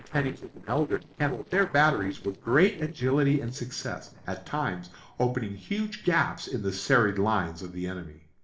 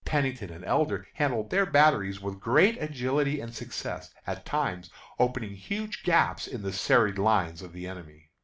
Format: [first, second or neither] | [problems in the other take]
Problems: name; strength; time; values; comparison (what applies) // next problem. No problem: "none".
second | noise reduction (neural separator model SepFormer DNS4)